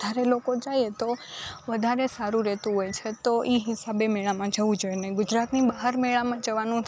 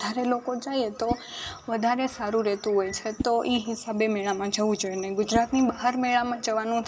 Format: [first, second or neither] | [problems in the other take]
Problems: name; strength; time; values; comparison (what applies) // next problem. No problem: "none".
first | background sound (Whoosh, swoosh, swish); 15 dB below the speech // room echo; dies away in 0.9 s